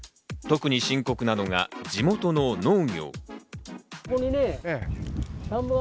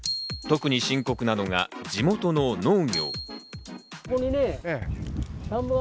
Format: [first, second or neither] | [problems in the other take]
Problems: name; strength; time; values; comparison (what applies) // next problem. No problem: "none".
first | background sound (Glockenspiel); 13 dB below the speech